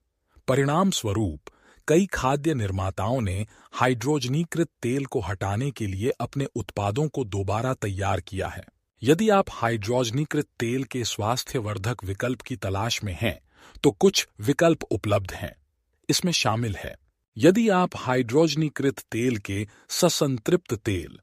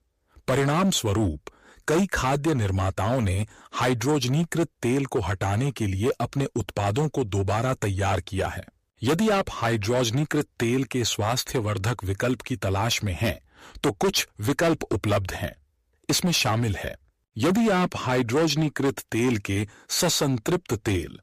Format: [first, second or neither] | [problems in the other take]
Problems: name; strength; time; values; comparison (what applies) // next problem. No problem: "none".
first | distortion; heavy; 11% of the sound clipped